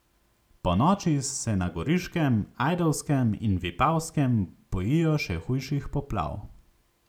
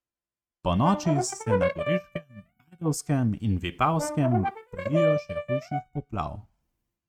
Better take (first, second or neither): first